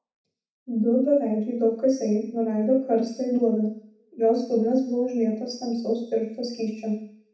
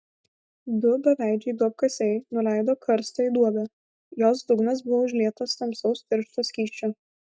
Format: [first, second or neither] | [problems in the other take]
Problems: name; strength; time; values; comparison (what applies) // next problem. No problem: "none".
second | room echo; dies away in 0.6 s